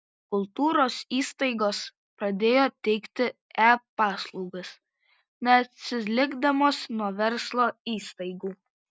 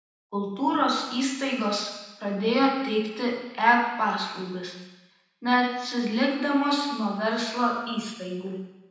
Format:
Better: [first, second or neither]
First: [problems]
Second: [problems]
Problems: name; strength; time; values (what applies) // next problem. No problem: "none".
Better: first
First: none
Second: room echo; dies away in 1 s